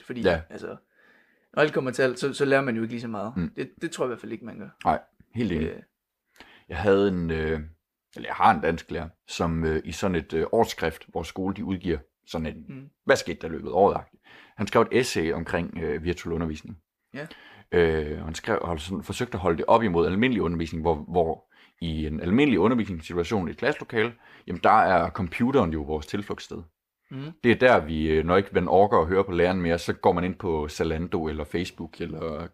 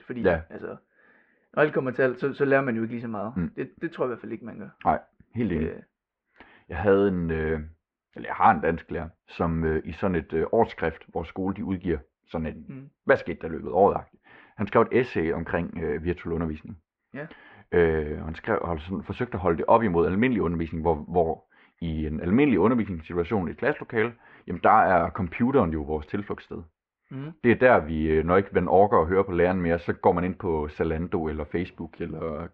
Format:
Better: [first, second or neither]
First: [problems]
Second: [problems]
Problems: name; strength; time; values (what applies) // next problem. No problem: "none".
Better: first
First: none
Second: muffled; very; fading above 2.5 kHz